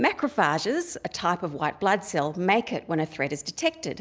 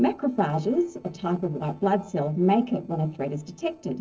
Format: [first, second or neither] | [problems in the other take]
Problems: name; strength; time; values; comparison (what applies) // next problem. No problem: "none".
first | noise reduction (neural separator model SepFormer DNS4)